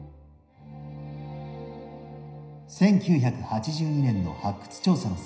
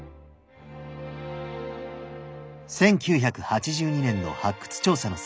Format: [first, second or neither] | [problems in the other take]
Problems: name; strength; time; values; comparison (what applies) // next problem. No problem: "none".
second | room echo; dies away in 0.9 s